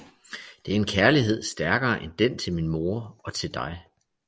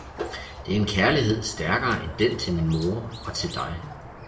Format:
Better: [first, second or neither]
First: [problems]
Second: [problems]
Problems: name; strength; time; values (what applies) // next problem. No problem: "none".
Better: first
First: none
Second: background sound (Squeak); 12 dB below the speech // room echo; dies away in 0.6 s